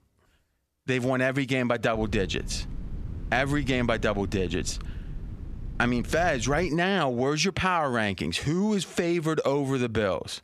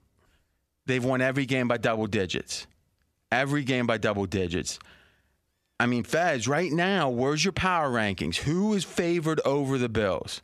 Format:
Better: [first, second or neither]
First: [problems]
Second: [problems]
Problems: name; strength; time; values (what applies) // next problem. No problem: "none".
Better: second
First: wind noise on the microphone; occasional gusts; from 2 to 6.5 s; 25 dB below the speech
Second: none